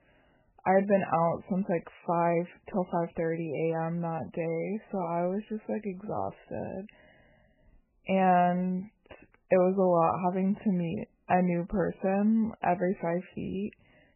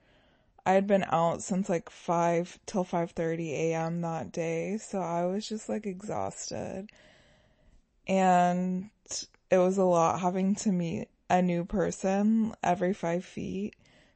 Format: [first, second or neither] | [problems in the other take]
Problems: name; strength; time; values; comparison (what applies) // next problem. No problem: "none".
second | garbled, watery; badly; nothing above 3 kHz; slightly in the second